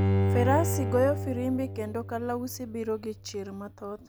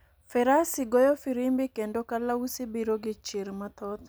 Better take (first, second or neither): second